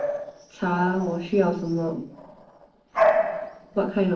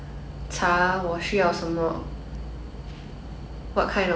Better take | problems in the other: second | noise reduction (neural separator model SepFormer DNS4)

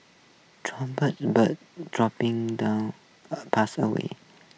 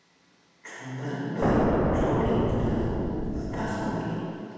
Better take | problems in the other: first | background sound (Explosion); 5 dB above the speech // room echo; dies away in 2.1 s

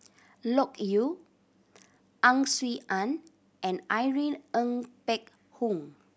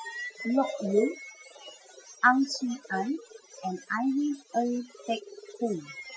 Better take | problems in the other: first | noise reduction (classical method Wiener filter)

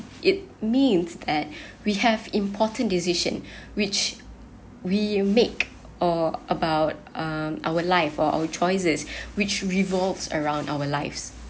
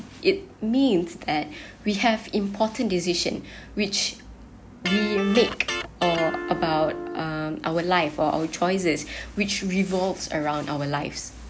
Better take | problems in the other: first | background sound (Electric guitar); 6 dB below the speech

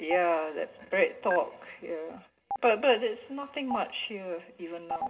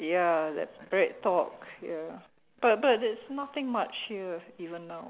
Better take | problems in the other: second | background sound (Stream); 11 dB below the speech // room echo; dies away in 0.2 s

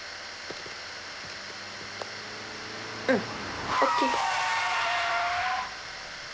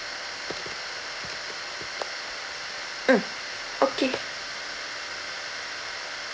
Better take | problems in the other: second | background sound (Engine / Car); 3 dB above the speech

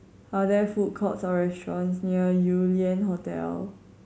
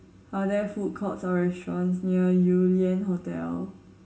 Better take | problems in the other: first | room echo; dies away in 0.2 s

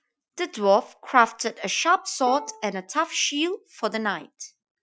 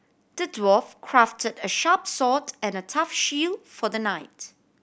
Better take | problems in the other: second | noise reduction (classical method Wiener filter)

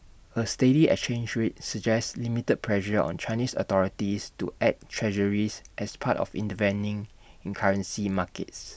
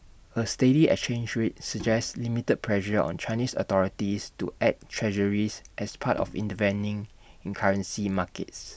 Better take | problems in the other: first | background sound (Bowed string instrument); 19 dB below the speech

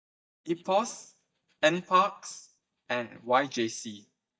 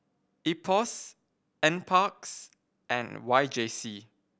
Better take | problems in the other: second | noise reduction (neural mask model DeepFilterNet 3)

